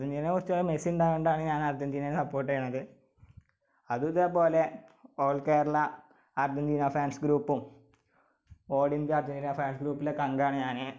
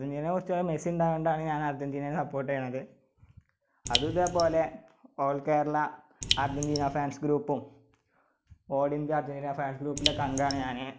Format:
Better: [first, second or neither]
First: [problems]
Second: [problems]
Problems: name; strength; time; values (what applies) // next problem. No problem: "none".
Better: first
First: none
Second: background sound (Raindrop); 3 dB below the speech